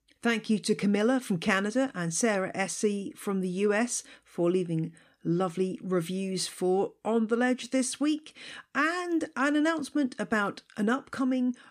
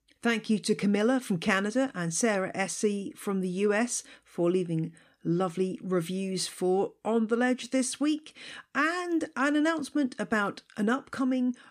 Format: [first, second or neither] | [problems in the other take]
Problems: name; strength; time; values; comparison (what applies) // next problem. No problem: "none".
neither | none